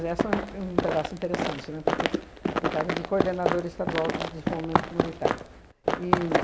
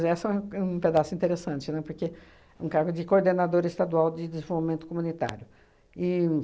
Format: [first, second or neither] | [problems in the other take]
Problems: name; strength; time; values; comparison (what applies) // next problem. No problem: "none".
second | background sound (Run); 4 dB above the speech